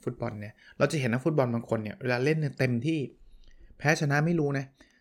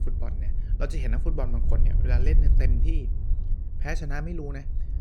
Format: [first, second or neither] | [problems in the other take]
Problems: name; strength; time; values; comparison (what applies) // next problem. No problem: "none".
first | wind noise on the microphone; heavy; 9 dB below the speech